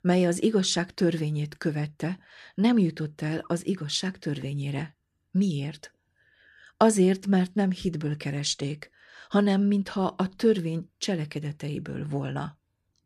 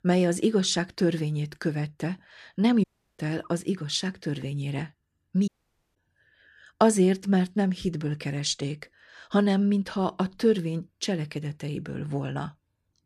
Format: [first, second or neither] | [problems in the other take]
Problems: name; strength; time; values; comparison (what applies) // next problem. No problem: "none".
first | audio cutting out; at 3 s and at 5.5 s